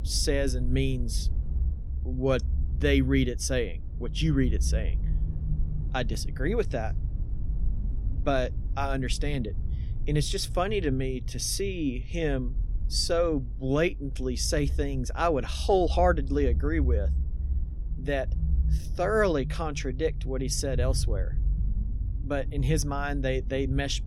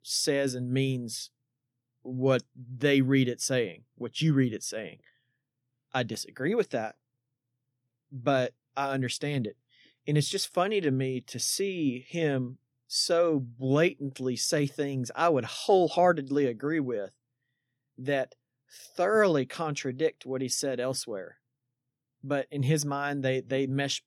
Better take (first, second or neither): second